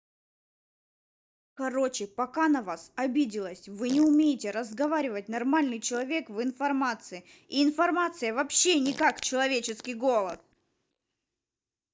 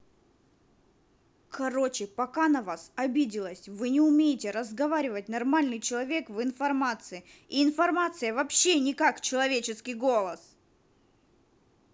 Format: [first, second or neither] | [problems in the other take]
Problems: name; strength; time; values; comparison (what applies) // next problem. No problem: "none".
second | noise reduction (neural mask model DeepFilterNet 3)